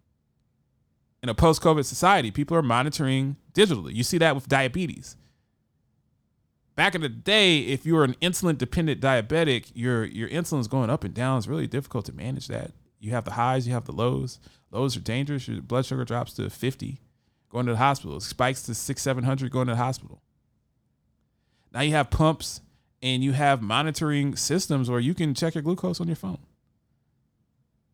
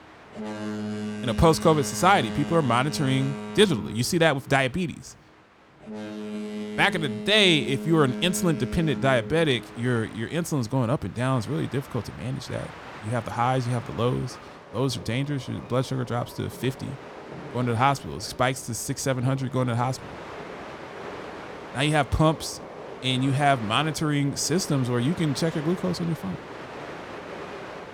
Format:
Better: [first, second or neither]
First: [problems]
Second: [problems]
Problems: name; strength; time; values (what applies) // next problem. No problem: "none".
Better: first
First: none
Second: train or aircraft noise; noticeable; throughout; 15 dB below the speech